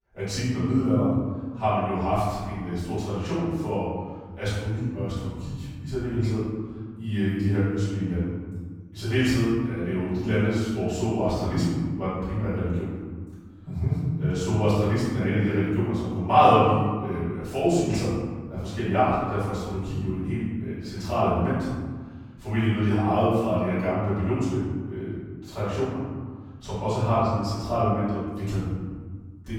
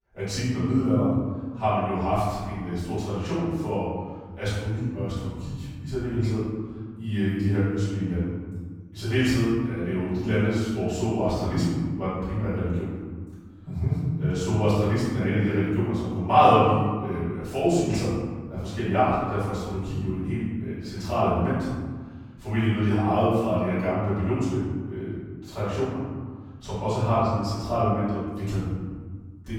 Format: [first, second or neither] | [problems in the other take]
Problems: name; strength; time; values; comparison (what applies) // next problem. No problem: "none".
neither | off-mic speech; far; the same in both // room echo; strong; dies away in 1.6 s; the same in both